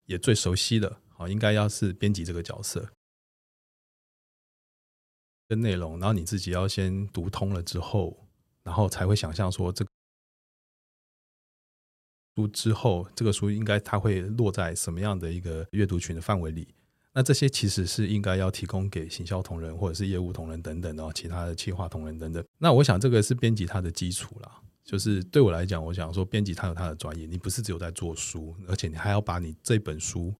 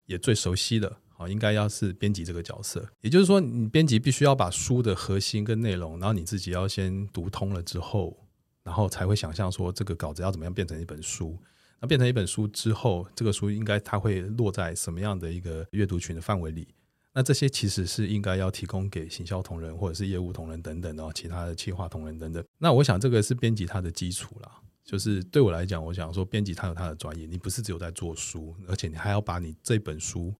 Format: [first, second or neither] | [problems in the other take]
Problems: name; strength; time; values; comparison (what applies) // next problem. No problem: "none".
second | audio cutting out; at 3 s for 2.5 s and at 10 s for 2.5 s